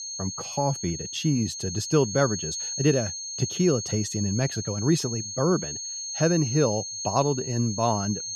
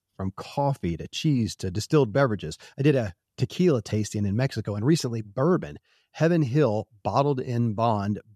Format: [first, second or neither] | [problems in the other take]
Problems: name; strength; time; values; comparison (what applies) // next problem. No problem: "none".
second | high-pitched whine; loud; throughout; 6.5 kHz, 5 dB below the speech